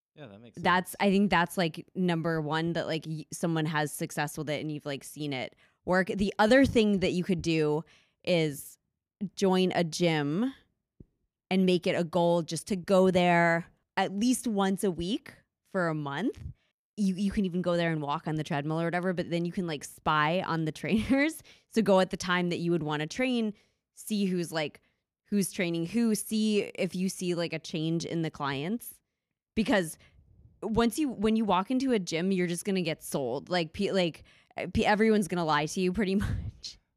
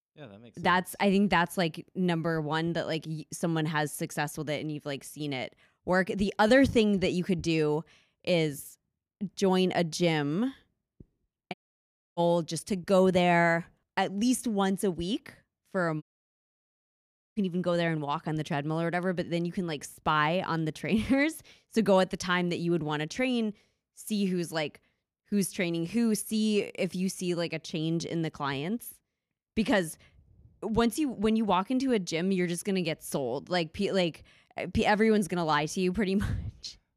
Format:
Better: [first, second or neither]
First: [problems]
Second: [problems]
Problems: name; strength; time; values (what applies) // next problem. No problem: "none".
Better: first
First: none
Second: audio cutting out; at 12 s for 0.5 s and at 16 s for 1.5 s